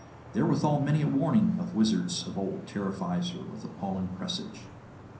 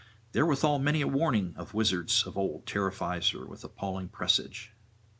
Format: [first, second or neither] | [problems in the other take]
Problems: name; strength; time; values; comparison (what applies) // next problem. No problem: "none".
second | background sound (Traffic noise, roadway noise / Vehicle horn, car horn, honking); 18 dB below the speech // room echo; dies away in 0.6 s